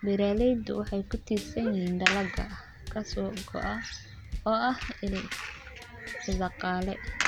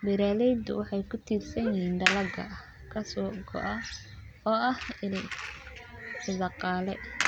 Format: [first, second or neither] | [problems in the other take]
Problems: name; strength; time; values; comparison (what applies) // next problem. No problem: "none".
second | background sound (Drum / Drum kit); 11 dB below the speech